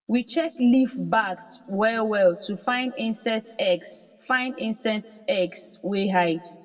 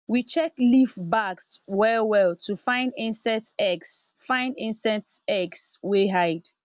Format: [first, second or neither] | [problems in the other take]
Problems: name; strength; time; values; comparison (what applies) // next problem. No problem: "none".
second | room echo; dies away in 1.2 s